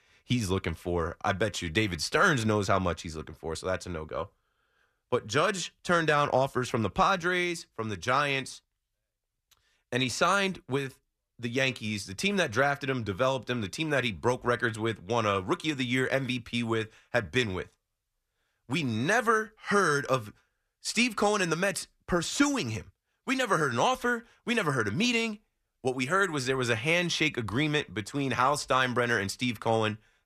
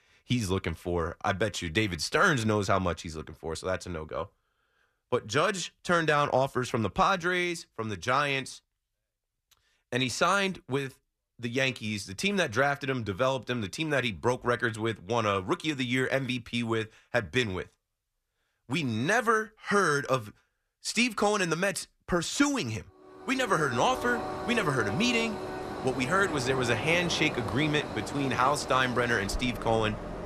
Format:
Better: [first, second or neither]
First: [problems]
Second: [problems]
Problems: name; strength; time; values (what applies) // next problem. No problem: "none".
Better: first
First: none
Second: train or aircraft noise; loud; from 24 s on; 8 dB below the speech